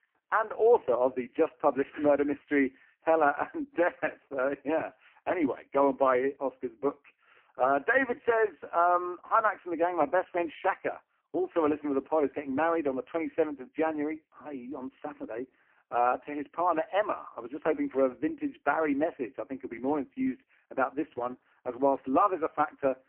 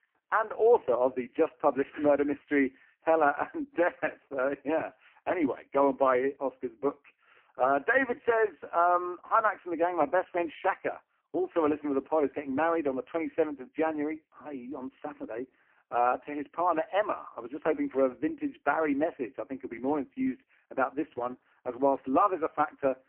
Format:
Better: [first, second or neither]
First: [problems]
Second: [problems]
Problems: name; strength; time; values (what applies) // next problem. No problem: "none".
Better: neither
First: phone-call audio; poor line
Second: phone-call audio; poor line